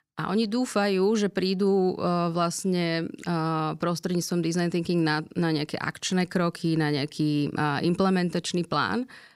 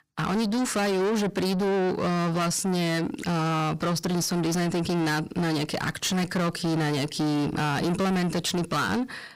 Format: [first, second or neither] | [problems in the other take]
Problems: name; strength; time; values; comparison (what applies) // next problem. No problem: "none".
first | distortion; heavy; 7 dB below the speech